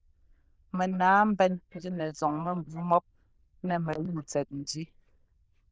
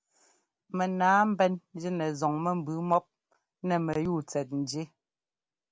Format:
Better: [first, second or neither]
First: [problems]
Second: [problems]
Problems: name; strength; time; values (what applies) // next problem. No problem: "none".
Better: second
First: noise reduction (neural diffusion model UNIVERSE++)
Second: none